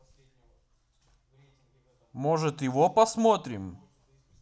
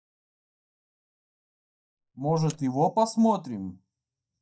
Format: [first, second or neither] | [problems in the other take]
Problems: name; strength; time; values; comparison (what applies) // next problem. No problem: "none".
first | noise reduction (neural mask model DeepFilterNet 3)